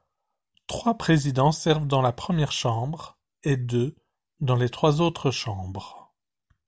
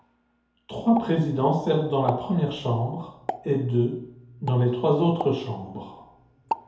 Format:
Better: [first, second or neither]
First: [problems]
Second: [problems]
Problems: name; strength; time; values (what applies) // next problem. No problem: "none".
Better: first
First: none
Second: background sound (Explosion); 13 dB below the speech // room echo; dies away in 2.1 s